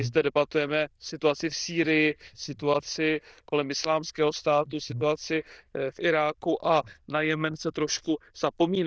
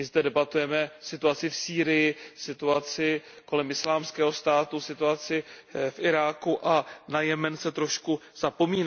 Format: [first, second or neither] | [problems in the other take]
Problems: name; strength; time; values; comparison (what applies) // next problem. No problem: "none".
second | noise reduction (neural diffusion model UNIVERSE++)